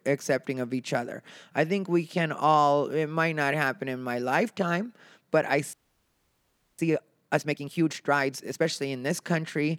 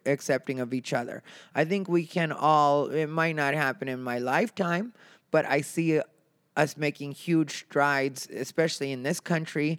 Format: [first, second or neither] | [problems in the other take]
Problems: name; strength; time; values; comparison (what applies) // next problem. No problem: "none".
second | audio freezing; at 5.5 s for 1 s